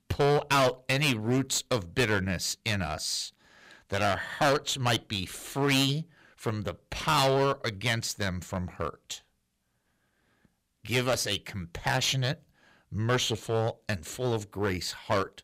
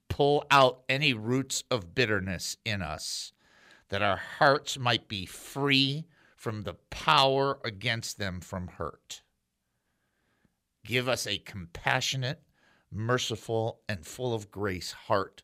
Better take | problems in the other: second | distortion; heavy; 6% of the sound clipped

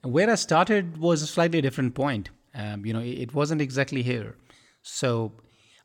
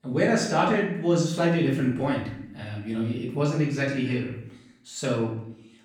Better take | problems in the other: first | off-mic speech; far // room echo; noticeable; dies away in 0.6 s

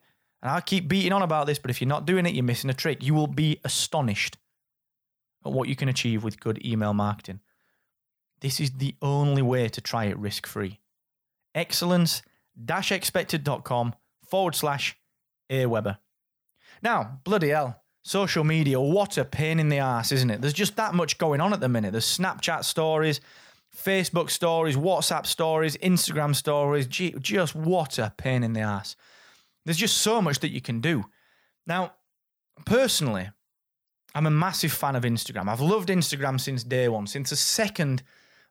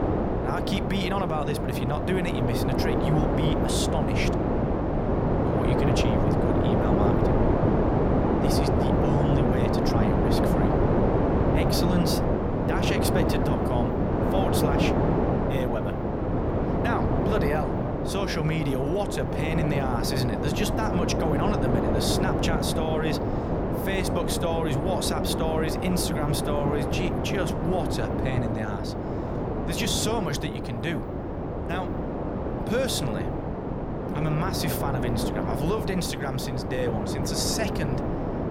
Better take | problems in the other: first | wind noise on the microphone; heavy; 2 dB above the speech

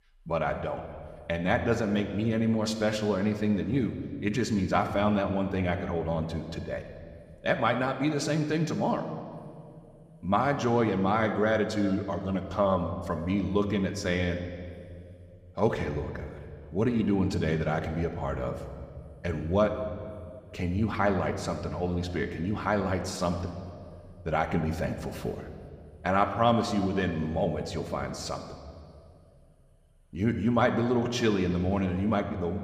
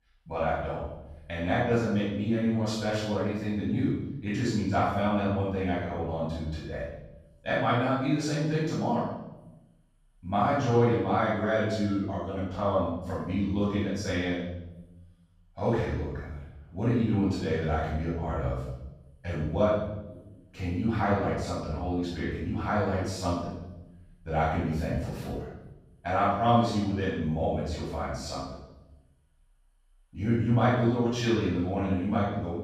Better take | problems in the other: first | room echo; strong; dies away in 0.9 s; slight in the first // off-mic speech; far

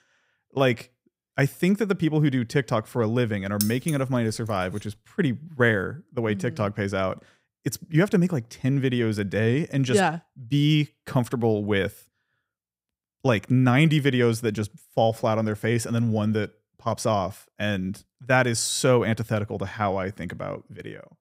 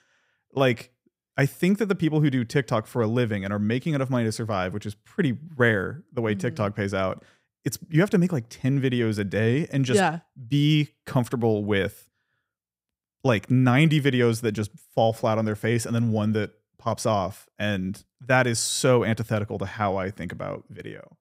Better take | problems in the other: second | jangling keys; noticeable; at 3.5 s; peak 5 dB below the speech

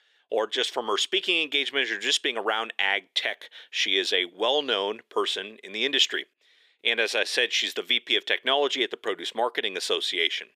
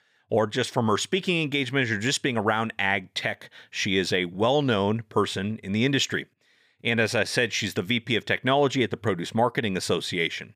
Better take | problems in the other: second | thin; somewhat; fading below 350 Hz

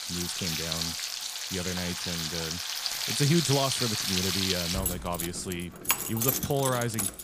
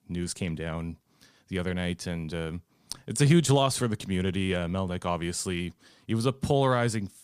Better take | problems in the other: second | household noises; very loud; throughout; 2 dB above the speech

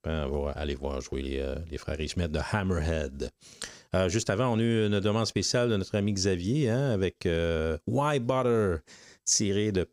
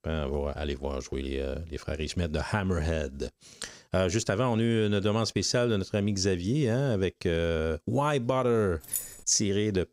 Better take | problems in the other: first | jangling keys; noticeable; at 9 s; peak 5 dB below the speech

